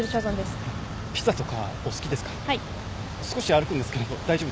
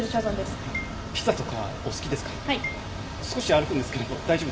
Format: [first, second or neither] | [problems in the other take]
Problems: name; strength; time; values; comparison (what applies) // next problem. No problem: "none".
first | background sound (Marimba, xylophone); 15 dB below the speech // room echo; dies away in 2 s